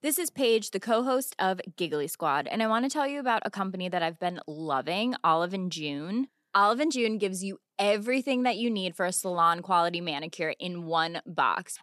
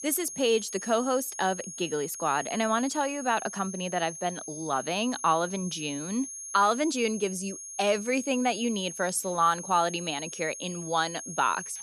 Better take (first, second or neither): first